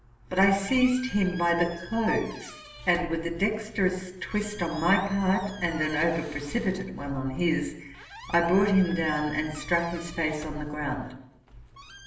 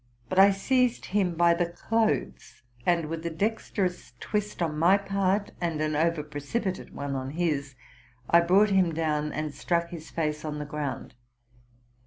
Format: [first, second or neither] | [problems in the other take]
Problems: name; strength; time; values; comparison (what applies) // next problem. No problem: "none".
second | background sound (Squeak); 19 dB below the speech // room echo; dies away in 0.8 s